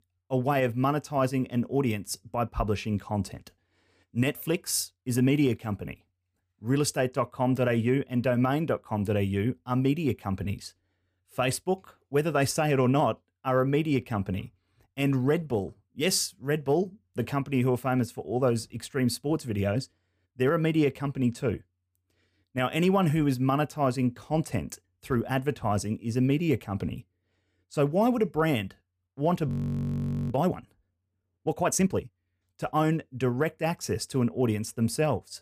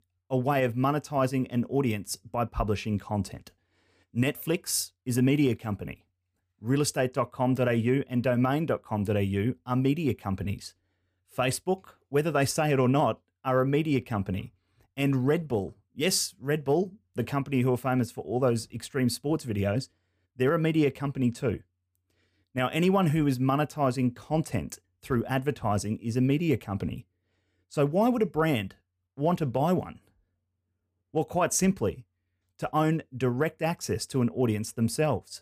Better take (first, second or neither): second